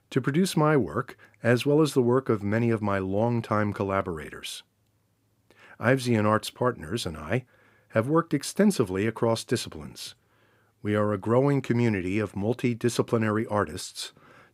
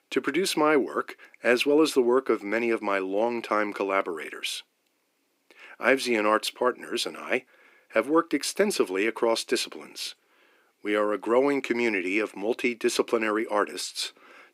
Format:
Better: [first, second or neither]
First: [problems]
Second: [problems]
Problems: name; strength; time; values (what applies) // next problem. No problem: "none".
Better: first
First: none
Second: thin; somewhat; fading below 300 Hz